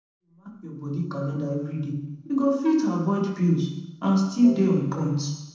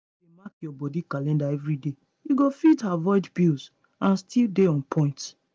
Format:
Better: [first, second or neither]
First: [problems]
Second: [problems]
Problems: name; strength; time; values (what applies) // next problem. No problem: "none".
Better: second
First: noise reduction (neural separator model SepFormer DNS4)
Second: none